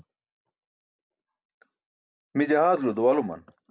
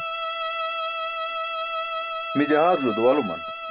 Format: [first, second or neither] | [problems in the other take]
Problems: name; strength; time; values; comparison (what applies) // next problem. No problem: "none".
first | background sound (Bowed string instrument); 3 dB below the speech